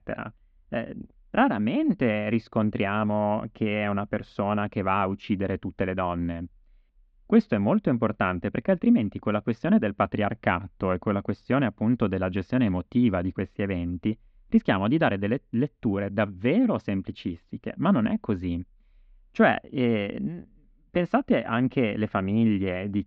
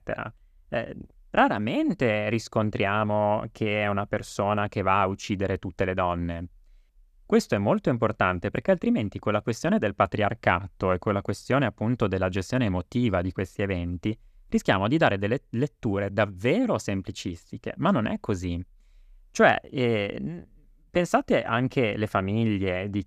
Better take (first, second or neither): second